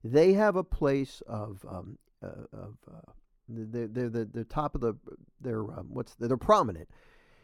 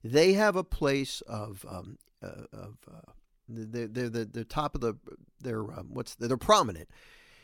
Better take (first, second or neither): second